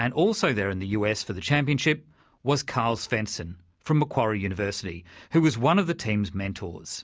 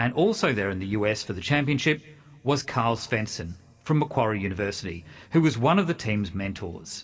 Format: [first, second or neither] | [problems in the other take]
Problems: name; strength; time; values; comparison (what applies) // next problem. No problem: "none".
first | room echo; dies away in 1.6 s